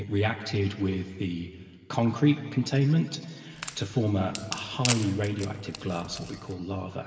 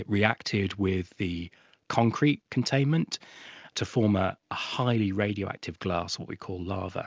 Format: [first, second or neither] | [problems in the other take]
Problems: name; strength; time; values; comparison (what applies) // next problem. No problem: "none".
second | background sound (Wood); 10 dB below the speech // room echo; dies away in 2.2 s